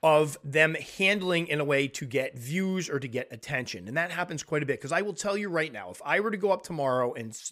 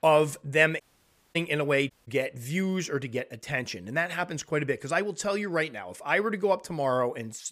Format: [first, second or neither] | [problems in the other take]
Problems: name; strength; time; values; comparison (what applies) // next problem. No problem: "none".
first | audio cutting out; at 1 s for 0.5 s and at 2 s